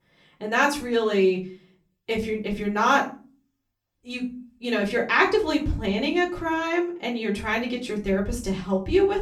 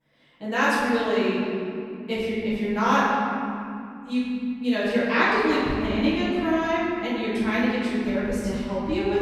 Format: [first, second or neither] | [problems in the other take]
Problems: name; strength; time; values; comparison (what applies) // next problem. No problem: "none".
first | room echo; strong; dies away in 2.5 s; slight in the first // off-mic speech; far; far in the first